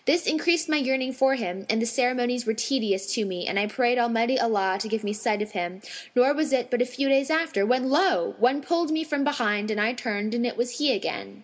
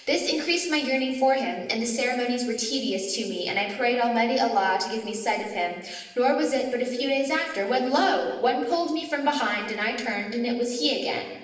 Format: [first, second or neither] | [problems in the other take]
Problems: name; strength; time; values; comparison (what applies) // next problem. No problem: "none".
first | room echo; dies away in 1 s